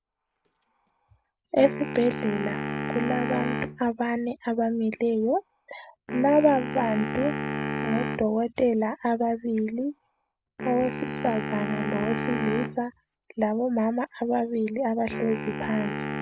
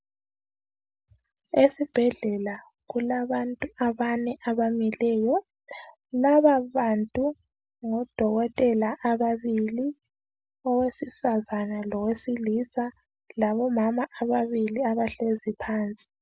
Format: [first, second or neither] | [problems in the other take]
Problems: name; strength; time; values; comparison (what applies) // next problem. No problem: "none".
second | background sound (Wind instrument, woodwind instrument); 7 dB below the speech